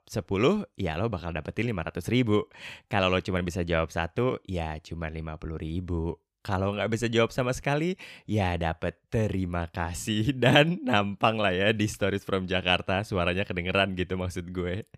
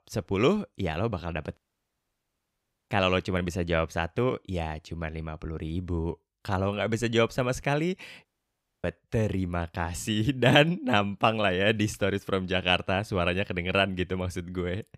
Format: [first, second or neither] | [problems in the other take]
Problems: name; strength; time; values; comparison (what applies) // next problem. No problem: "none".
first | audio cutting out; at 1.5 s for 1.5 s and at 8.5 s for 0.5 s